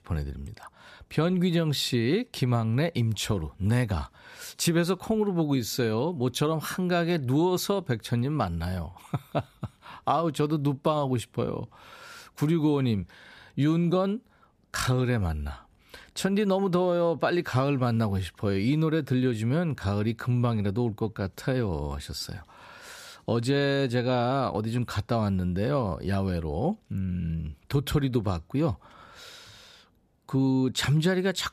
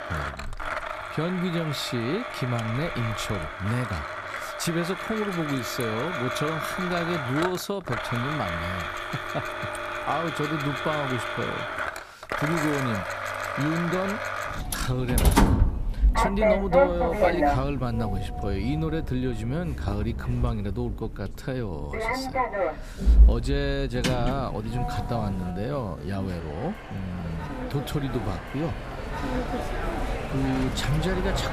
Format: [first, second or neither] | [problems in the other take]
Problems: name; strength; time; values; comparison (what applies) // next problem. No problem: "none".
first | household noises; very loud; throughout; 1 dB above the speech